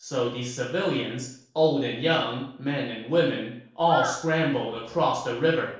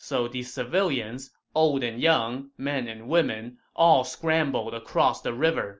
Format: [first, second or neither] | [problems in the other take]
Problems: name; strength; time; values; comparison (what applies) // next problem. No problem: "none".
second | noise reduction (neural separator model SepFormer DNS4)